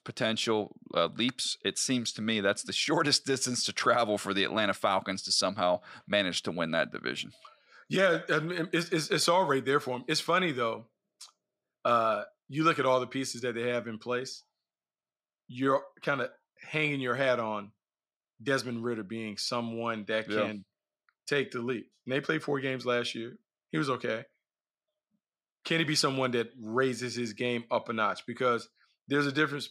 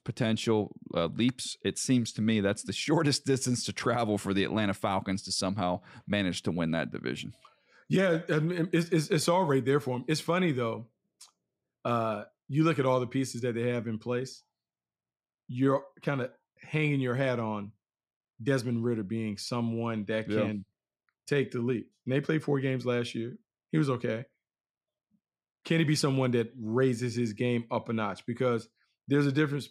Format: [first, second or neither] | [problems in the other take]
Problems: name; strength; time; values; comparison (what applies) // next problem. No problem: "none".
second | thin; somewhat; fading below 350 Hz